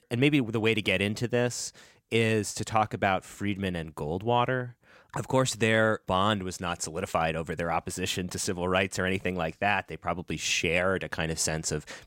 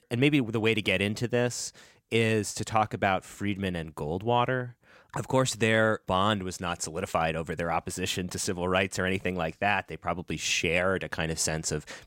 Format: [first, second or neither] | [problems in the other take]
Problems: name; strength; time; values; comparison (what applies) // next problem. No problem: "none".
neither | none